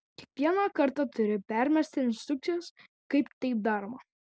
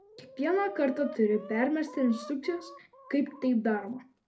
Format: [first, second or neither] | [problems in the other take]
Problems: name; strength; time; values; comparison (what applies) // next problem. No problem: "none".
first | background sound (Chicken, rooster); 18 dB below the speech // room echo; dies away in 0.3 s